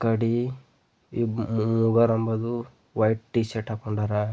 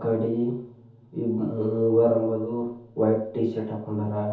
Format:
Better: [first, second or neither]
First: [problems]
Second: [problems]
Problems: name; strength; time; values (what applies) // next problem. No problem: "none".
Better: first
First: none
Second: room echo; dies away in 0.6 s